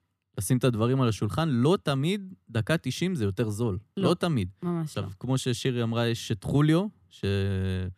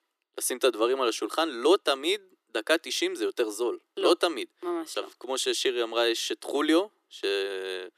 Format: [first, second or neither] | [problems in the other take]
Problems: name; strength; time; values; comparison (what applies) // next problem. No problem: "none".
first | thin; very; fading below 350 Hz